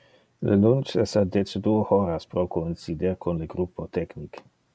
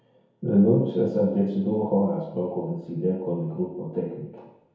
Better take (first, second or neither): first